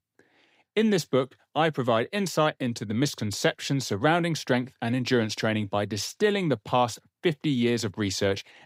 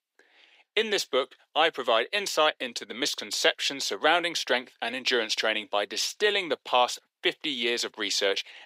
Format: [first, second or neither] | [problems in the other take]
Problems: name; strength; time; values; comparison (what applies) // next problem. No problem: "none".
first | thin; very; fading below 400 Hz